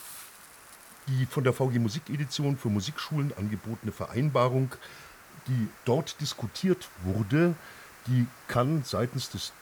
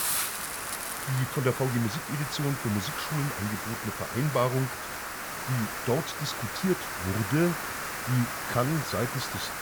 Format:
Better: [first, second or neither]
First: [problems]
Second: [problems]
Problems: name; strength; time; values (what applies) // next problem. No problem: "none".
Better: first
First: hiss; faint; throughout; 20 dB below the speech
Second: hiss; loud; throughout; 3 dB below the speech